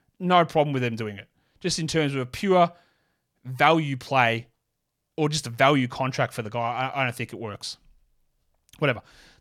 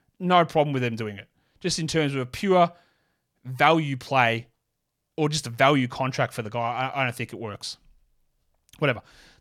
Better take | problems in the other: neither | none

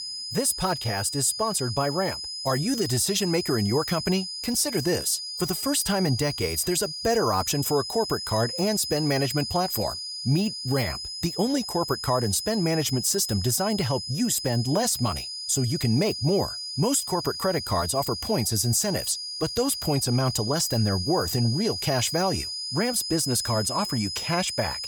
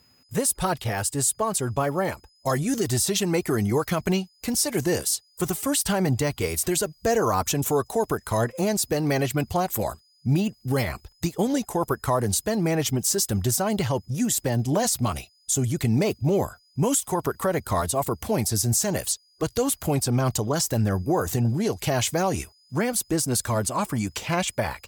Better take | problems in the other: second | high-pitched whine; loud; throughout; 5 kHz, 5 dB below the speech; faint in the second

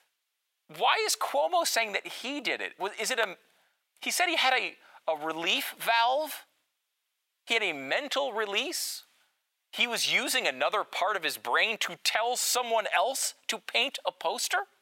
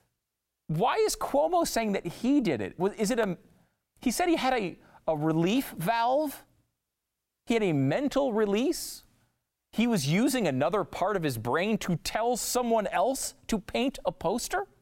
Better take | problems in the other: second | thin; very; fading below 750 Hz

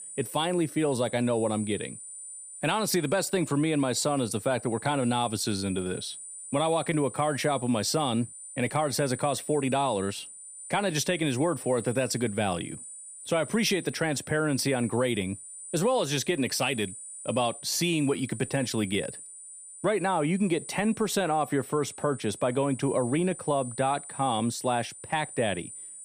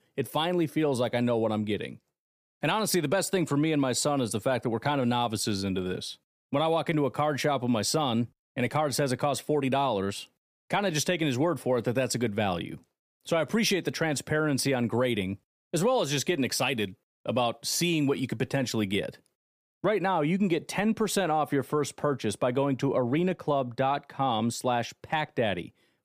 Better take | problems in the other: second | high-pitched whine; noticeable; throughout; 9 kHz, 10 dB below the speech

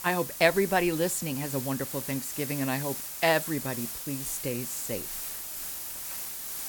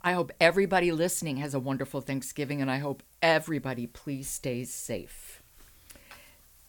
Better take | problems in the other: second | hiss; loud; throughout; 5 dB below the speech; faint in the second

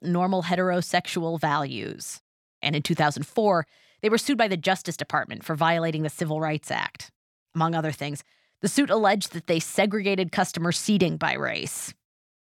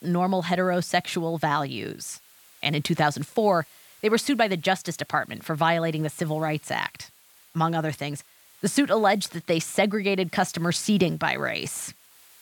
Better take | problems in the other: first | hiss; faint; throughout; 25 dB below the speech

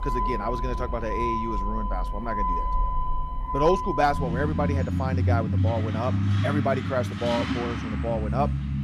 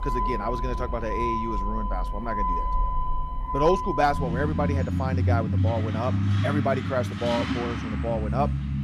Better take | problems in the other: neither | traffic noise; very loud; throughout; 1 dB above the speech; the same in both

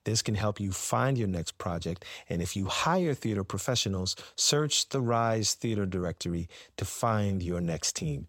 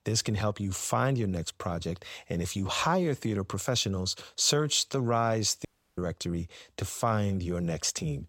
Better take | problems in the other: first | audio cutting out; at 5.5 s

